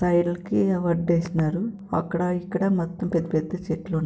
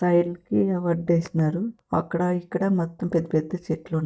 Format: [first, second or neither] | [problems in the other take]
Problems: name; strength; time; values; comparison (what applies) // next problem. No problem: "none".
first | noise reduction (neural mask model DeepFilterNet 3)